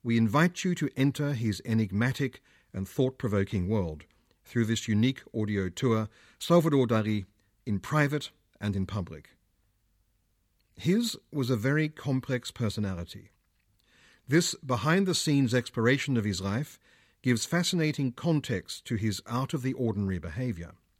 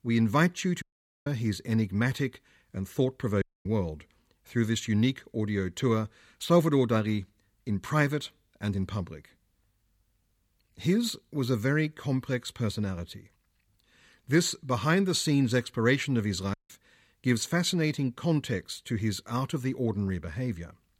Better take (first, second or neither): first